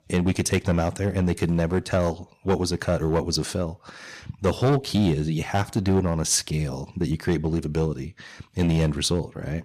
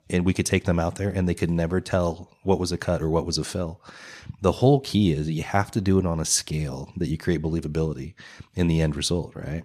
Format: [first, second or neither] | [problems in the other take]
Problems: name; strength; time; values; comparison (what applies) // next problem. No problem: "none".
second | distortion; slight; 4% of the sound clipped